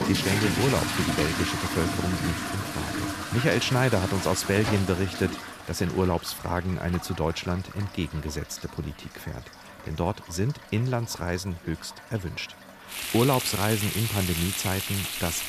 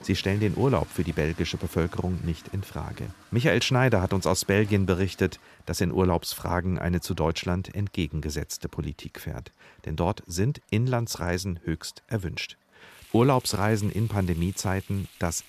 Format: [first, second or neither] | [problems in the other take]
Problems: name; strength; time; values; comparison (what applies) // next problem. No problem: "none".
second | household noises; loud; throughout; 2 dB below the speech; faint in the second